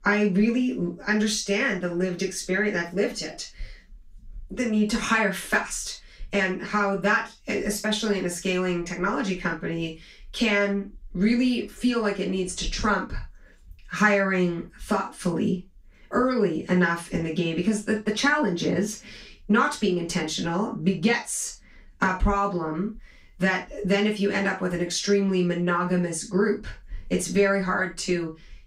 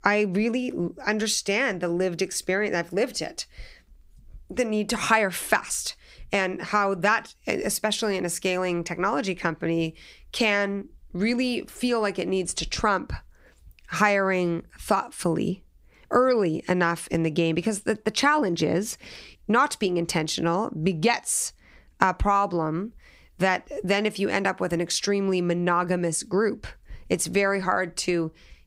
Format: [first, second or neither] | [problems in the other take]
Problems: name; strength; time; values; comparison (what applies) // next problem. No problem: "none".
second | room echo; slight; dies away in 0.2 s // off-mic speech; far